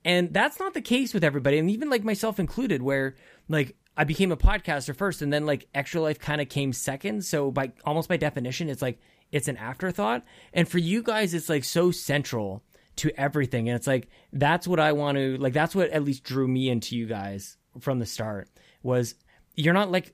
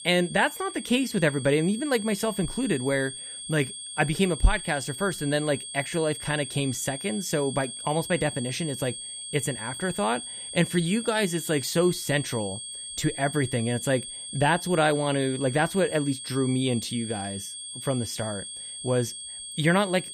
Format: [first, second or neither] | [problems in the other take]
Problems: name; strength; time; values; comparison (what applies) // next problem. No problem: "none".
first | high-pitched whine; loud; throughout; 8.5 kHz, 8 dB below the speech